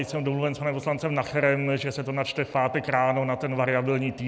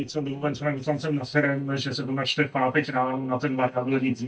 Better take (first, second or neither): first